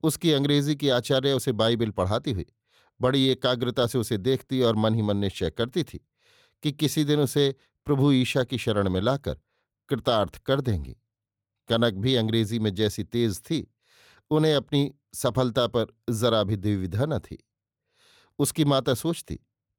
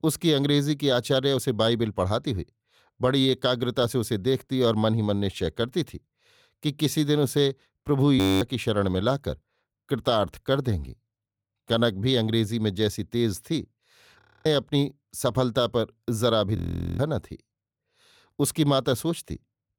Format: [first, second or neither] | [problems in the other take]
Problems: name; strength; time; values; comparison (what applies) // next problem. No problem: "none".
first | audio freezing; at 8 s, at 14 s and at 17 s